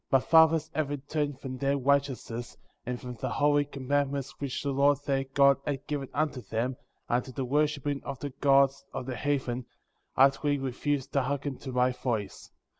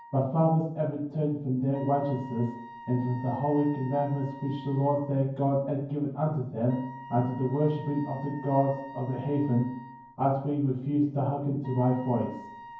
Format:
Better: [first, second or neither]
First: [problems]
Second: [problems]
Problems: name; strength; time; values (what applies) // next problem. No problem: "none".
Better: first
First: none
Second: background sound (Wind instrument, woodwind instrument); 18 dB below the speech // room echo; dies away in 0.9 s